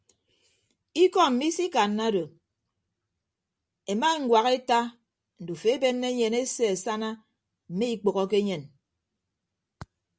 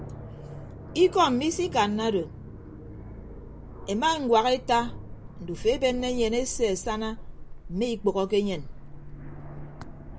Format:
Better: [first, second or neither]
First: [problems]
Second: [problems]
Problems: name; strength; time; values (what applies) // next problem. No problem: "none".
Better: first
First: none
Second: background sound (Aircraft); 11 dB below the speech